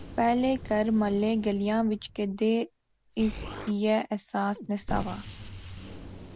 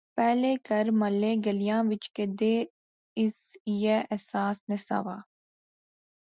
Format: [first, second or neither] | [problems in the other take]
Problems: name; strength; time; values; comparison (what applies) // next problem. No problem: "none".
second | background sound (Explosion); 13 dB below the speech